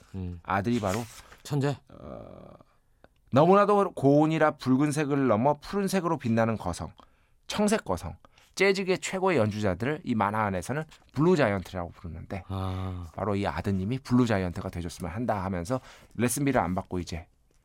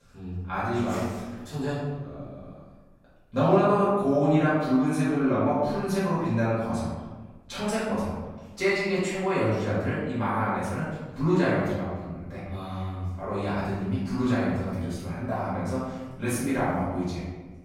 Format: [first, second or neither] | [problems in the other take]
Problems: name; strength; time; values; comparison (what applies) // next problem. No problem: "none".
first | room echo; strong; dies away in 1.2 s // off-mic speech; far